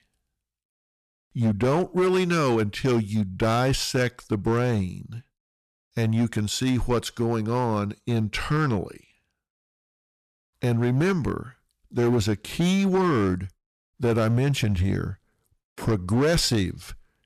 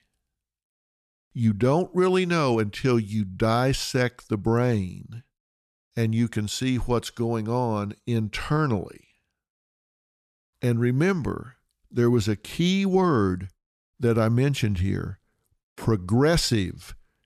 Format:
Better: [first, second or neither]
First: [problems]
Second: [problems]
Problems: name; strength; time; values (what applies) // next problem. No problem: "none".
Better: second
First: distortion; slight; 8% of the sound clipped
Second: none